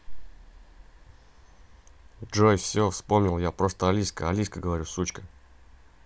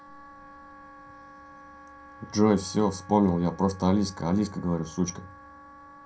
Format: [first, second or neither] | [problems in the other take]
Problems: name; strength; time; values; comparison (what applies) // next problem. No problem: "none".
first | background sound (Wind instrument, woodwind instrument); 20 dB below the speech // room echo; dies away in 0.3 s